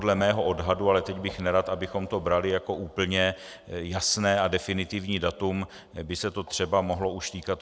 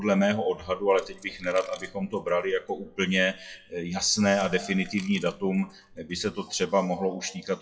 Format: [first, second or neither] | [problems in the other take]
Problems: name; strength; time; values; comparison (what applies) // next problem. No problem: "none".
first | noise reduction (classical method WPE with log-MMSE)